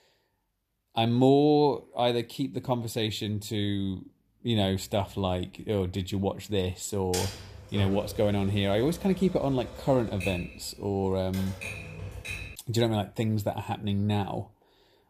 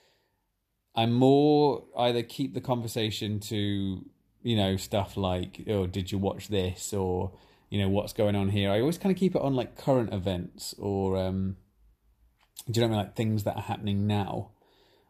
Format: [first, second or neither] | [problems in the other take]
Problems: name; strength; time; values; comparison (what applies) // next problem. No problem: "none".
second | keyboard typing; noticeable; from 7 to 13 s; peak 6 dB below the speech